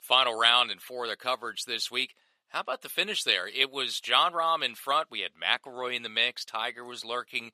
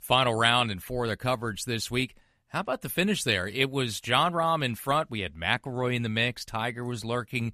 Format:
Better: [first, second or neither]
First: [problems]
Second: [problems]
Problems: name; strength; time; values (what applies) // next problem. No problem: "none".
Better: second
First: thin; very; fading below 500 Hz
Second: none